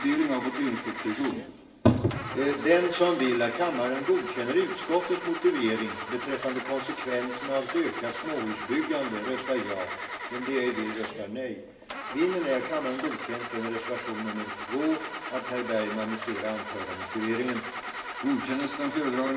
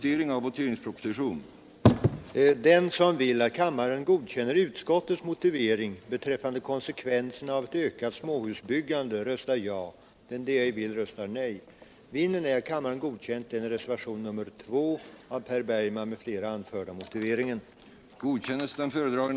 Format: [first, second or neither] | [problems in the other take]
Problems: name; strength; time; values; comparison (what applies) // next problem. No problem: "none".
second | background sound (Engine starting / Car); 8 dB below the speech // room echo; dies away in 1 s